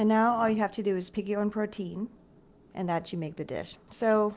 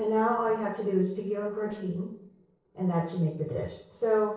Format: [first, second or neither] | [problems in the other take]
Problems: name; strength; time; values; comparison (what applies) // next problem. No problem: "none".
first | noise reduction (neural separator model SepFormer DNS4)